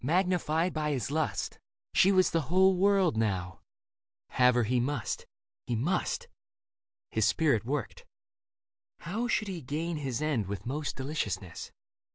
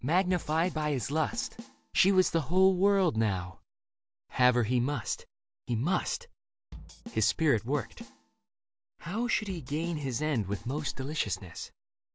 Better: first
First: none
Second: background sound (Drum / Drum kit); 17 dB below the speech

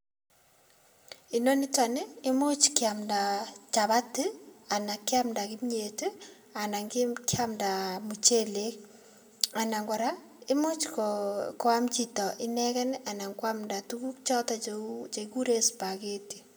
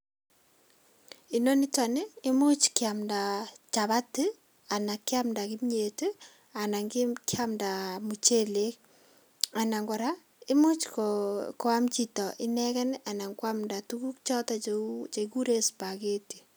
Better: second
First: room echo; dies away in 0.5 s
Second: none

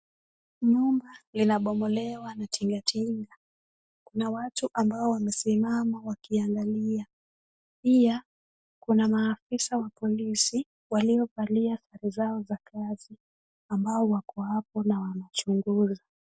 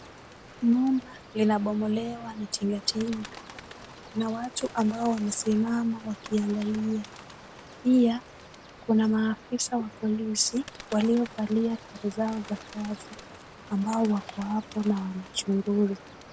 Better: first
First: none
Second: background sound (Water + Bird); 18 dB below the speech

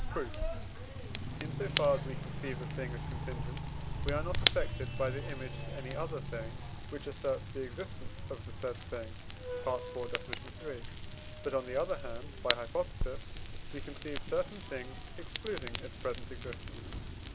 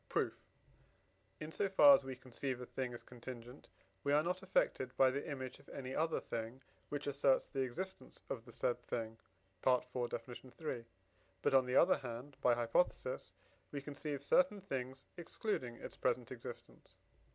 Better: second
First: background sound (Fire / Rain); 1 dB above the speech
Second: none

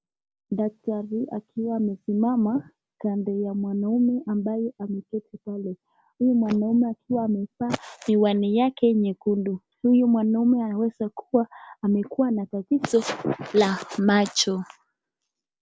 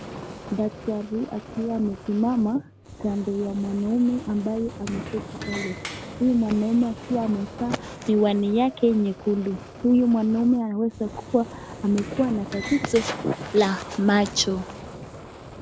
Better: first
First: none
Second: background sound (Fire + Sliding door); 14 dB below the speech

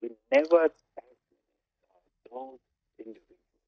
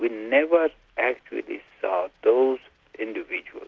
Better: second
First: noise reduction (neural mask model DeepFilterNet 3)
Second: none

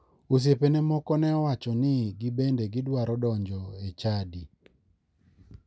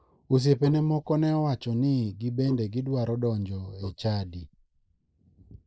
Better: first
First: none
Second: noise reduction (neural mask model Resemble Enhance denoiser)

